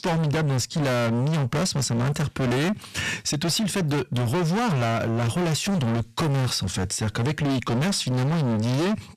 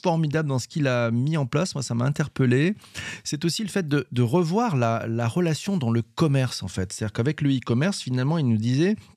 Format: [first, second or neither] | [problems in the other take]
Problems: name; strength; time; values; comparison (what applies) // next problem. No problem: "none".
second | distortion; heavy; 45% of the sound clipped